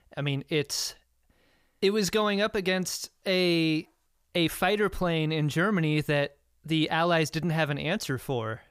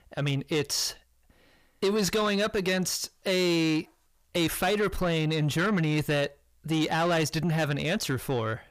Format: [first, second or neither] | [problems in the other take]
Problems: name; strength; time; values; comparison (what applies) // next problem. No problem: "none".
first | distortion; slight; 10 dB below the speech